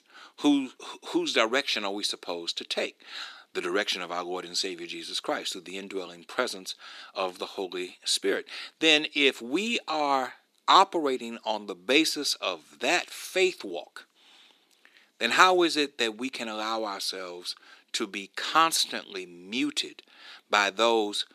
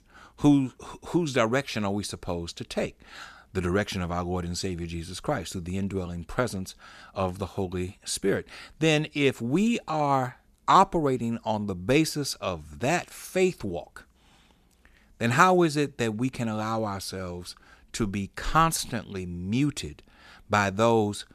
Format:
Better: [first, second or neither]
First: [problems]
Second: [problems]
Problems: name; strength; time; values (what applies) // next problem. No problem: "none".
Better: second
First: thin; very slightly; fading below 300 Hz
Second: none